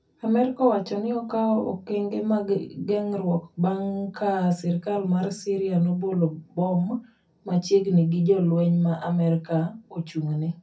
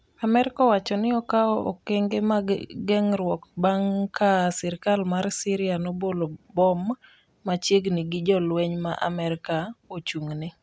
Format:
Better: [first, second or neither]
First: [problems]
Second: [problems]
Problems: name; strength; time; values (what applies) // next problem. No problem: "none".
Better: second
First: room echo; dies away in 0.3 s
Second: none